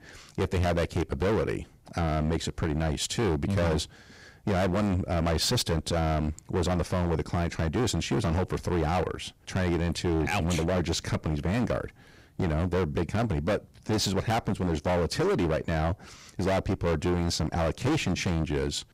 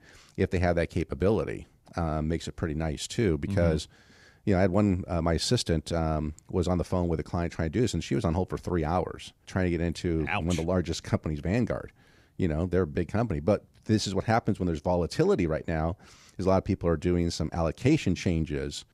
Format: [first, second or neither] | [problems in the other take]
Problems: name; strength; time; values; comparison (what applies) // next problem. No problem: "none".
second | distortion; heavy; 22% of the sound clipped